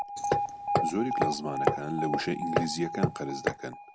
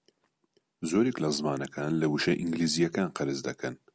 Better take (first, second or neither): second